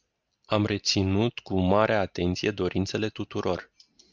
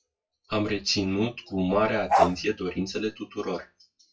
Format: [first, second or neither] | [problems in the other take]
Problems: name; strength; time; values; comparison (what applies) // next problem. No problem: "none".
first | noise reduction (classical method WPE with log-MMSE)